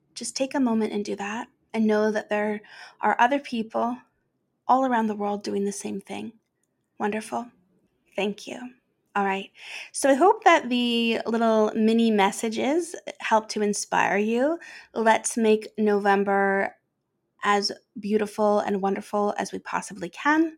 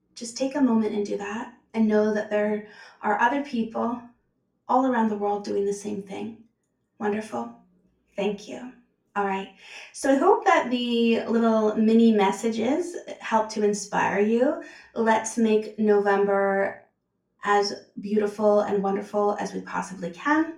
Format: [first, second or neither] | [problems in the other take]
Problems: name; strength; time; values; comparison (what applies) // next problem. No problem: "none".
first | room echo; very slight; dies away in 0.3 s // off-mic speech; far